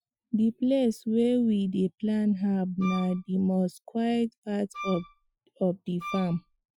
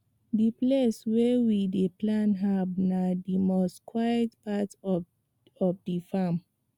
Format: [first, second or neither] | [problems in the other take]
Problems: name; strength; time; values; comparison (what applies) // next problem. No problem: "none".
second | noise reduction (classical method Wiener filter)